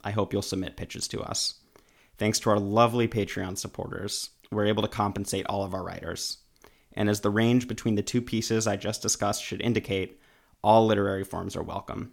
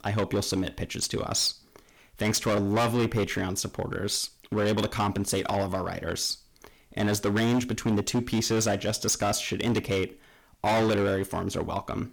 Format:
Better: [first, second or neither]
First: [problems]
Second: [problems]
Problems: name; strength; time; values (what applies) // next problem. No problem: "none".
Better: first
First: none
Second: distortion; heavy; 12% of the sound clipped